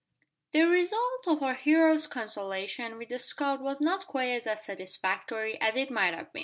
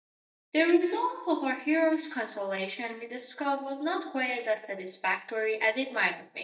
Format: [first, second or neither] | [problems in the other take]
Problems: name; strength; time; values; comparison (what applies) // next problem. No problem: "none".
first | noise reduction (neural mask model DeepFilterNet 3)